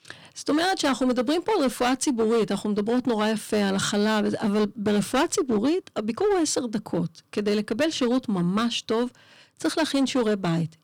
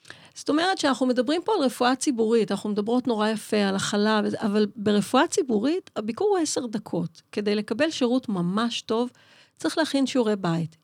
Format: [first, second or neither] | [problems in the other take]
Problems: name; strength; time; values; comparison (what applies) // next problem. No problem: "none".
second | distortion; slight; 11% of the sound clipped